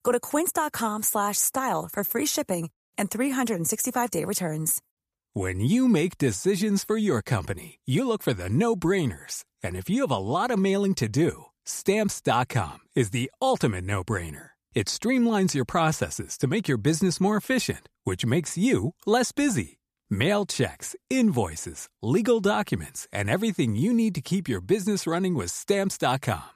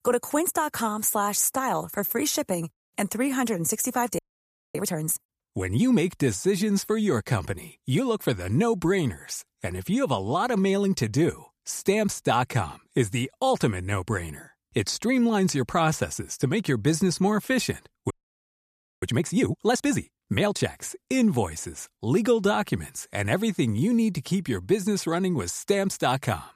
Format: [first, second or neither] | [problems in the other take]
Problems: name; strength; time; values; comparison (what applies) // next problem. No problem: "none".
first | audio freezing; at 4 s for 0.5 s and at 18 s for 1 s